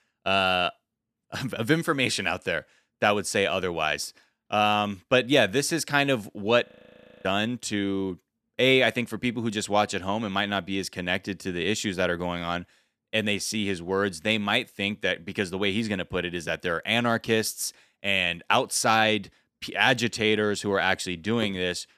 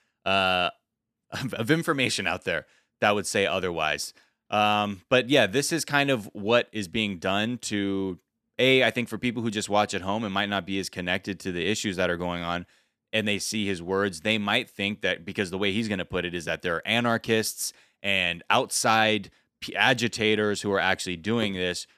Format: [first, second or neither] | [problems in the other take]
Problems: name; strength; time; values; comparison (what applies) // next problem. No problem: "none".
second | audio freezing; at 6.5 s for 0.5 s